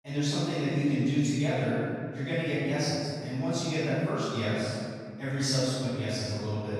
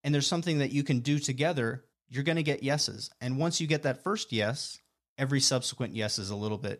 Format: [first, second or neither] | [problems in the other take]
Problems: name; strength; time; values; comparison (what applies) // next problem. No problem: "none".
second | off-mic speech; far // room echo; strong; dies away in 2.1 s